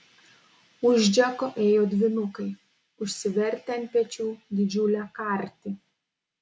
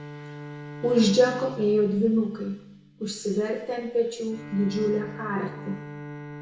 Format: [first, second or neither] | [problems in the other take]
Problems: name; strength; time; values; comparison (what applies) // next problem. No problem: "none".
first | background sound (Bowed string instrument); 14 dB below the speech // room echo; dies away in 0.8 s